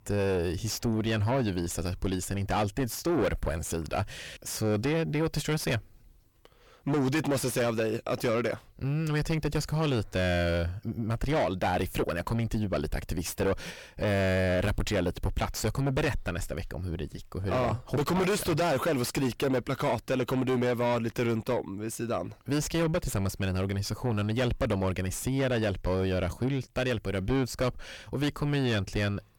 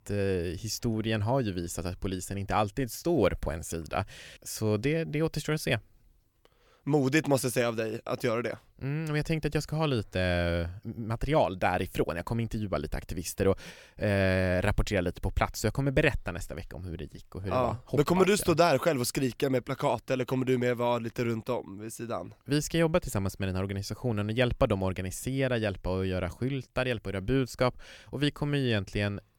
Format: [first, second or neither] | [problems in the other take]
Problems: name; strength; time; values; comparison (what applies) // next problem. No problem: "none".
second | distortion; heavy; 6 dB below the speech